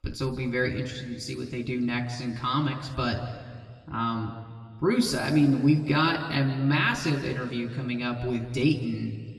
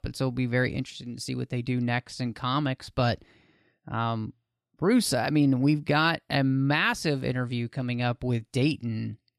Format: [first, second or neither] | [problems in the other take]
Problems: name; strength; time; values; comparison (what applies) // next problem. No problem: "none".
second | room echo; slight; dies away in 1.6 s // off-mic speech; somewhat distant